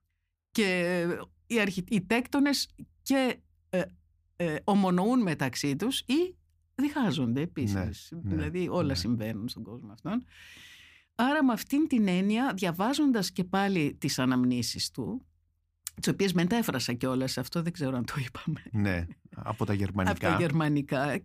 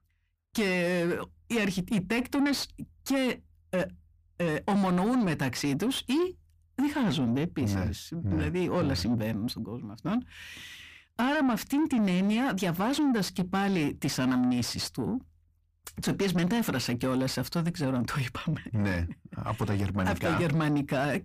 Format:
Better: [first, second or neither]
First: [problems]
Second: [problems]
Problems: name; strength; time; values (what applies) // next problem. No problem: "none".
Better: first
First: none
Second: distortion; slight; 10 dB below the speech